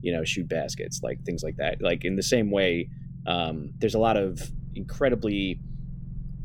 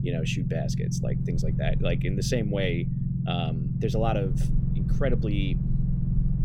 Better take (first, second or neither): first